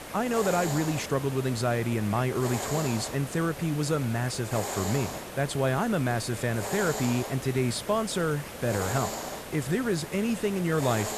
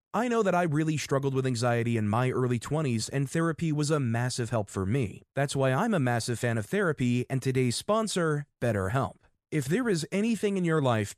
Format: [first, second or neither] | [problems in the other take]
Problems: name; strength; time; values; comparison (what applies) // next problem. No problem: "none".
second | hiss; loud; throughout; 8 dB below the speech